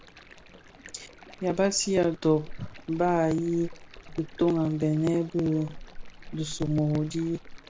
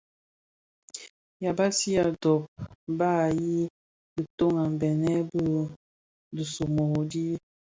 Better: second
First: background sound (Stream); 15 dB below the speech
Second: none

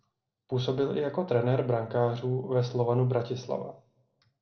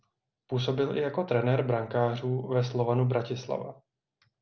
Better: second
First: room echo; dies away in 0.6 s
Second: none

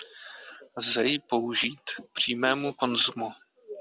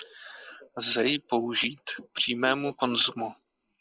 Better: first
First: none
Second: noise reduction (neural mask model Resemble Enhance denoiser)

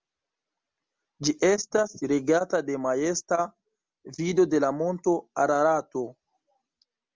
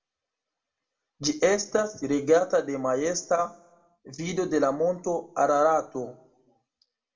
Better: first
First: none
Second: room echo; dies away in 0.5 s

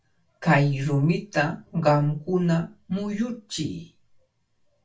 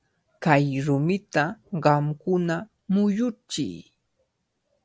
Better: second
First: room echo; dies away in 0.2 s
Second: none

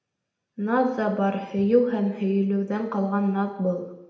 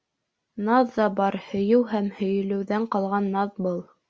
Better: second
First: room echo; dies away in 0.8 s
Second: none

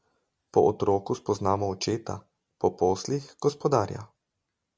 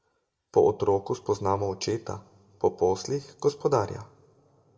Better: first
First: none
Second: room echo; dies away in 1 s

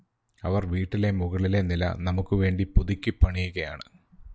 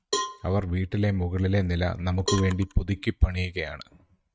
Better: first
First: none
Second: noise reduction (neural mask model RNNoise)

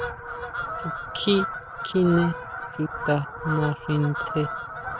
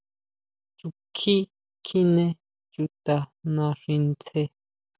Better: second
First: background sound (Fowl); 6 dB below the speech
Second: none

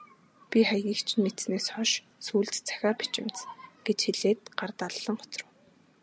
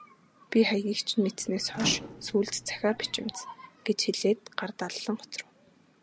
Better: first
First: none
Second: background sound (Microwave oven); 13 dB below the speech

